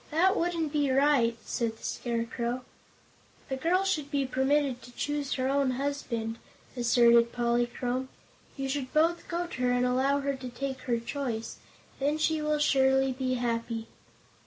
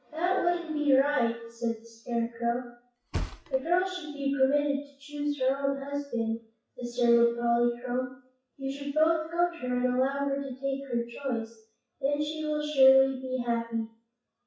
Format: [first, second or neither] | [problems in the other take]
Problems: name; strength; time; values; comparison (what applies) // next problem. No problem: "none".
first | noise reduction (classical method WPE with log-MMSE)